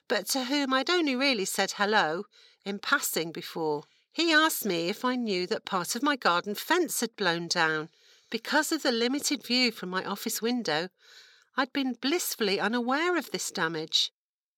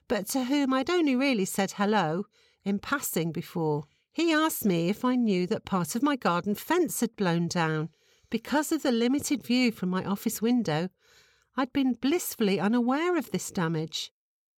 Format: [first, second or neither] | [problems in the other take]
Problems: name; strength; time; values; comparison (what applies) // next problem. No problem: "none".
second | thin; somewhat; fading below 300 Hz